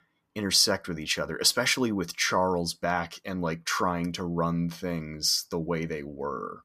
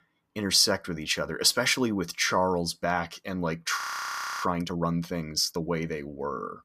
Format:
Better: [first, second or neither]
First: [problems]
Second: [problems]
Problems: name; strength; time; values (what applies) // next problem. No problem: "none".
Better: first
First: none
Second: audio freezing; at 4 s for 0.5 s